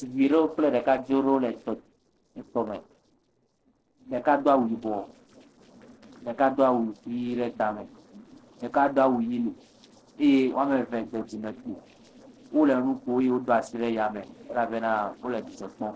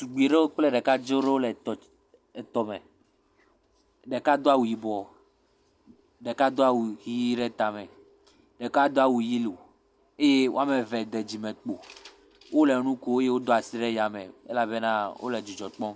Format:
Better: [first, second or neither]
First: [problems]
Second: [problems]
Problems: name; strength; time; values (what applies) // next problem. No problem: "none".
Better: second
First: noise reduction (neural separator model SepFormer DNS4)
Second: none